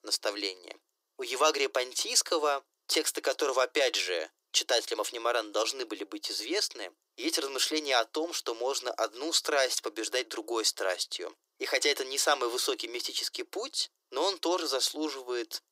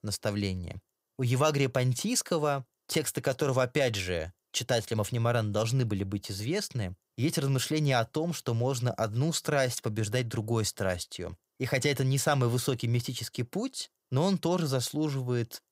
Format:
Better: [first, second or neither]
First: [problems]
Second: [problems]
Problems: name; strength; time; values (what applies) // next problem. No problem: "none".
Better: second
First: thin; very; fading below 300 Hz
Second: none